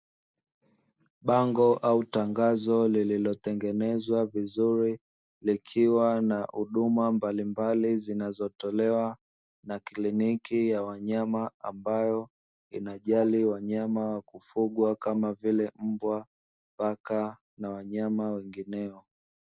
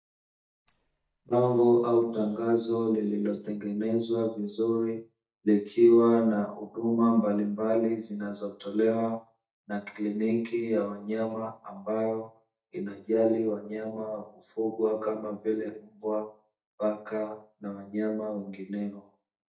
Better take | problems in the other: first | noise reduction (neural mask model DeepFilterNet 3)

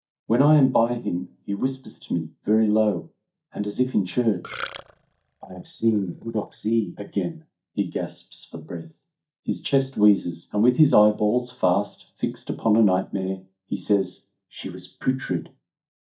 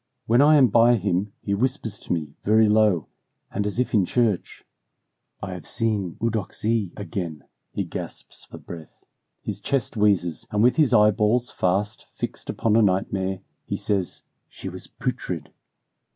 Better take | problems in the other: second | noise reduction (neural mask model DeepFilterNet 3)

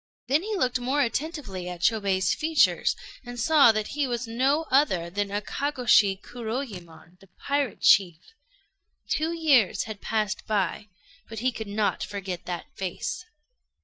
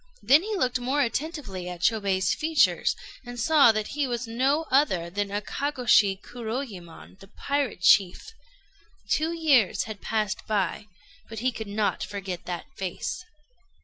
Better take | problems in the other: second | noise reduction (neural mask model DeepFilterNet 3)

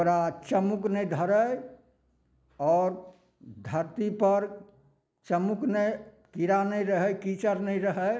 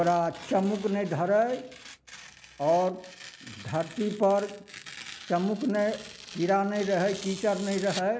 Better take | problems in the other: first | background sound (Tearing); 17 dB below the speech

